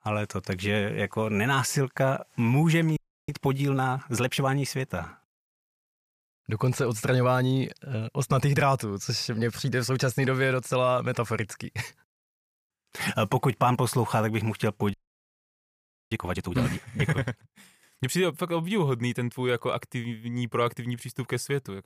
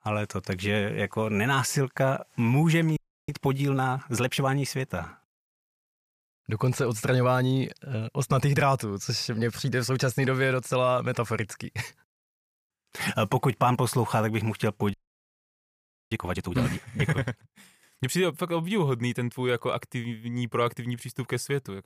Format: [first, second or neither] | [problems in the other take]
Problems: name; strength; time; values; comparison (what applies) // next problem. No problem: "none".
neither | audio freezing; at 3 s and at 15 s for 1 s; the same in both